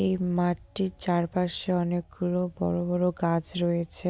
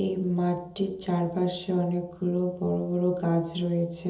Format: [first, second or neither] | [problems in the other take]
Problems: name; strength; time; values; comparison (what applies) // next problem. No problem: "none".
first | room echo; dies away in 1.2 s